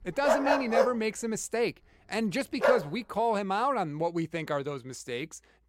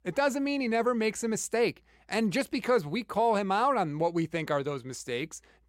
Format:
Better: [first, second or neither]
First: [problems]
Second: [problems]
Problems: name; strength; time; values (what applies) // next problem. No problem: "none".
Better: second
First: dog barking; loud; until 3 s; peak 5 dB above the speech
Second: none